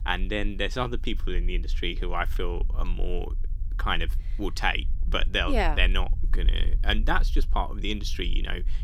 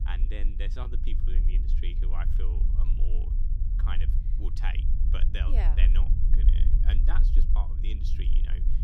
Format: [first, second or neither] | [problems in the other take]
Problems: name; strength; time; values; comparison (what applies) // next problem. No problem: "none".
first | low rumble; loud; throughout; 6 dB below the speech; faint in the first